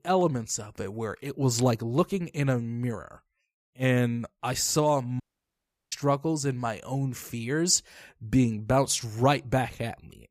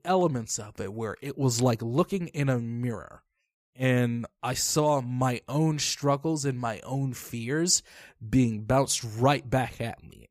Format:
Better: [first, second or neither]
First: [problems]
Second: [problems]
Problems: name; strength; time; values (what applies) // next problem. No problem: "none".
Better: second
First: audio cutting out; at 5 s for 0.5 s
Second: none